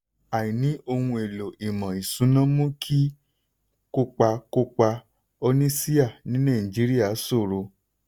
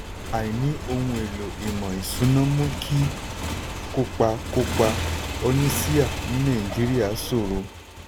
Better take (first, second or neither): first